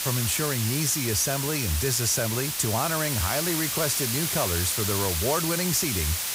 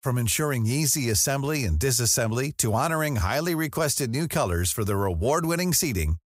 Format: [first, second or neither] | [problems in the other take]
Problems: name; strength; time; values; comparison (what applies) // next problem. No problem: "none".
second | hiss; loud; throughout; as loud as the speech